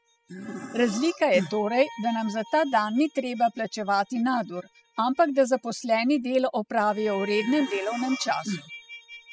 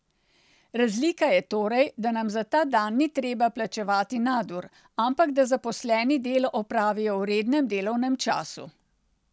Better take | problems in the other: second | noise reduction (classical method spectral subtraction)

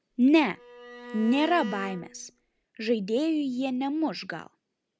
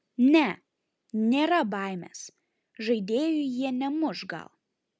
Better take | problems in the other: second | background sound (Bowed string instrument); 15 dB below the speech

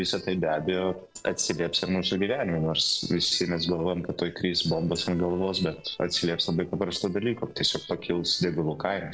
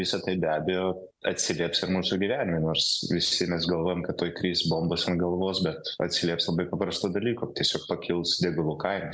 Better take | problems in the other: second | noise reduction (neural separator model SepFormer DNS4)

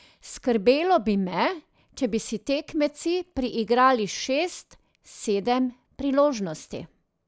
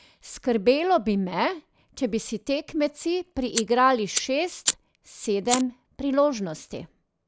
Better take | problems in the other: first | background sound (Fire); 7 dB below the speech

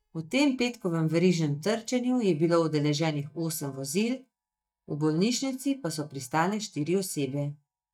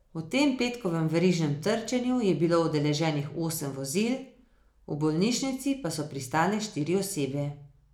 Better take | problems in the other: second | noise reduction (neural mask model DeepFilterNet 3)

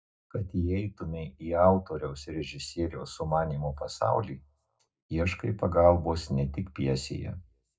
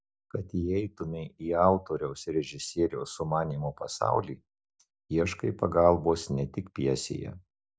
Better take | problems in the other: second | room echo; dies away in 0.3 s

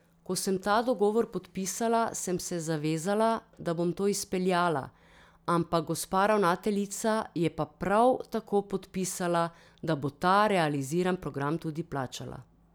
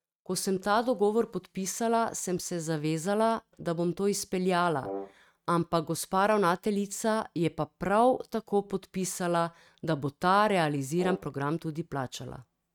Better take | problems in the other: first | noise reduction (neural mask model RNNoise)

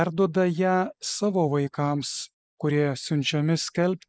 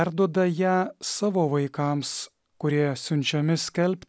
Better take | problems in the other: second | noise reduction (neural mask model Resemble Enhance denoiser)

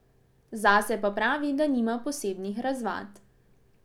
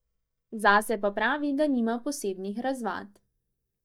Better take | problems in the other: first | noise reduction (neural mask model DeepFilterNet 3)

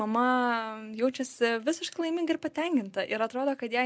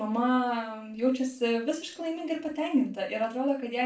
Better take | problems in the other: first | room echo; dies away in 0.3 s

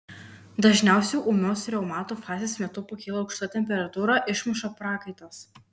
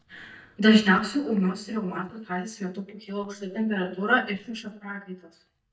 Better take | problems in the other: first | noise reduction (neural mask model DeepFilterNet 3)

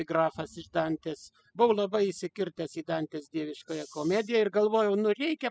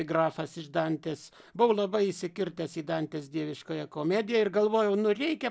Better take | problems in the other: second | noise reduction (classical method spectral subtraction)

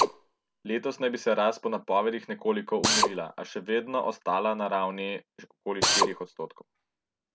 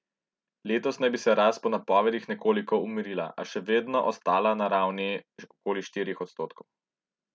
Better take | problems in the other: second | background sound (Drill); 2 dB below the speech

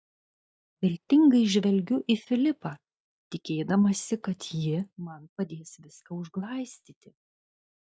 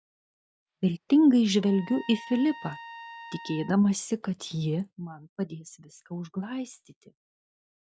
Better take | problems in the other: first | background sound (Trumpet); 18 dB below the speech

